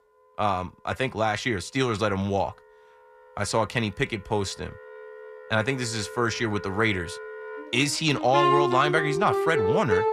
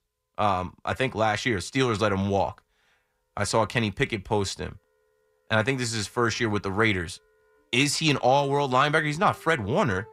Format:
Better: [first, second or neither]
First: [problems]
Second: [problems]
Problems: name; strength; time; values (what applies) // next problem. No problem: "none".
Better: second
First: background music; loud; throughout; 3 dB below the speech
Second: background music; faint; throughout; 30 dB below the speech